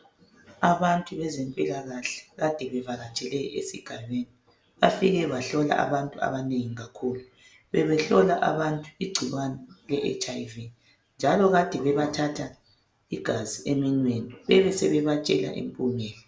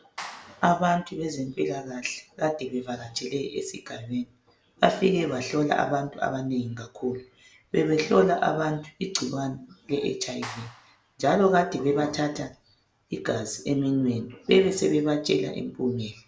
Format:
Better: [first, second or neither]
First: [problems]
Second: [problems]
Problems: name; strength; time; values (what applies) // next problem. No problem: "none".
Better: first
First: none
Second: background sound (Clapping); 17 dB below the speech